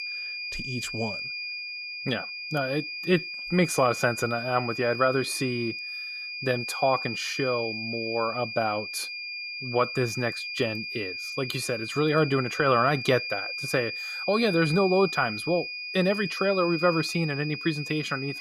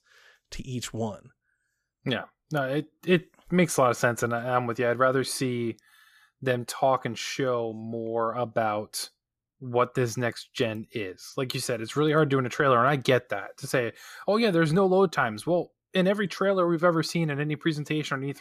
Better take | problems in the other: second | high-pitched whine; loud; throughout; 2.5 kHz, 5 dB below the speech

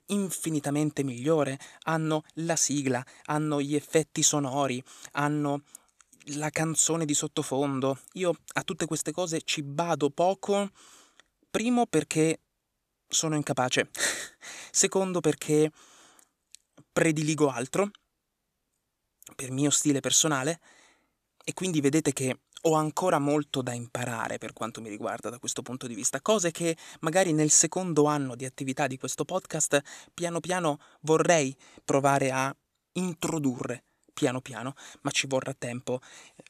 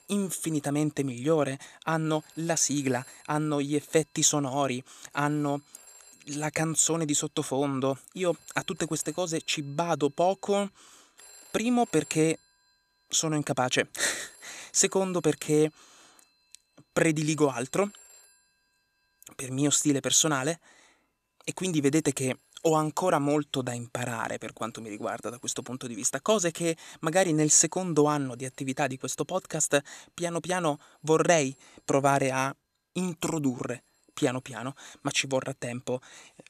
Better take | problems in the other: first | alarms or sirens; faint; throughout; 30 dB below the speech

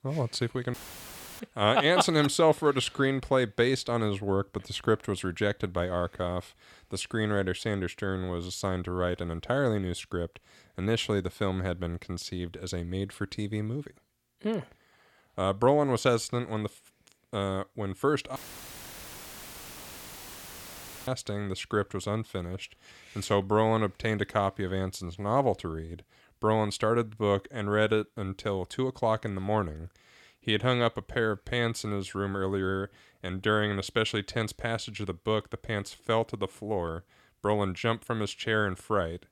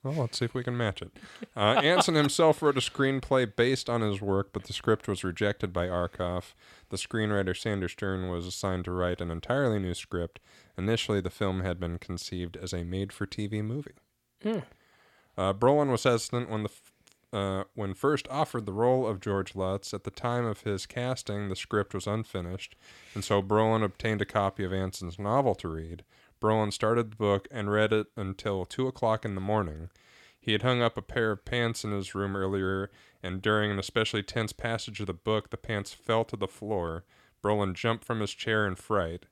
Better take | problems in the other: second | audio cutting out; filled with static; at 0.5 s for 0.5 s and at 18 s for 2.5 s

